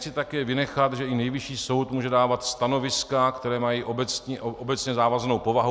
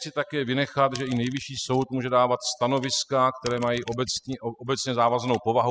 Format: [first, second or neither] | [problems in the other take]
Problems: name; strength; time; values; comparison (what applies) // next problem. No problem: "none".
first | noise reduction (classical method spectral subtraction)